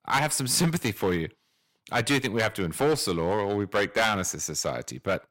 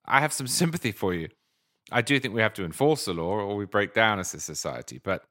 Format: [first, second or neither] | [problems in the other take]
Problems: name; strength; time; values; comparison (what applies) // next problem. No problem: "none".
second | distortion; heavy; 6% of the sound clipped